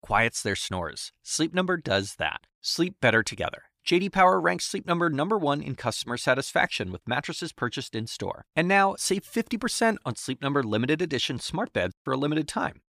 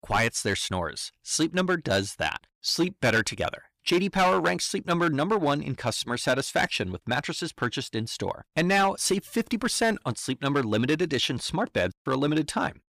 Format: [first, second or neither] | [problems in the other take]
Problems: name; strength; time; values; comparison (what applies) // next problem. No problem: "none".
first | distortion; slight; 5% of the sound clipped